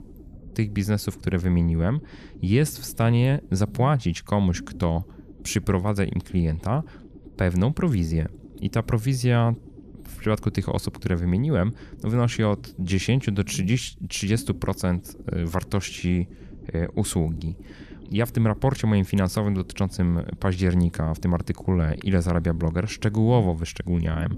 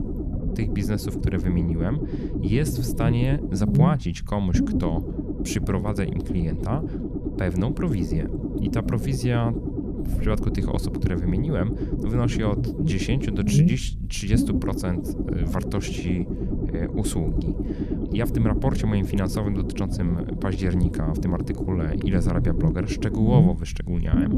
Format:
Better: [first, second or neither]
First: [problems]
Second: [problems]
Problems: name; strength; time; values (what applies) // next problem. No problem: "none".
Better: first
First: low rumble; faint; throughout; 20 dB below the speech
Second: low rumble; loud; throughout; 1 dB below the speech